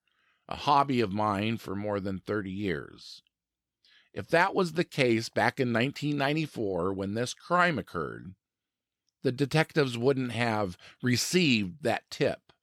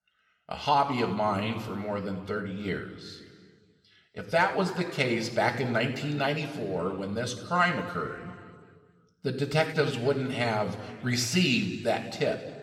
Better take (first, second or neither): first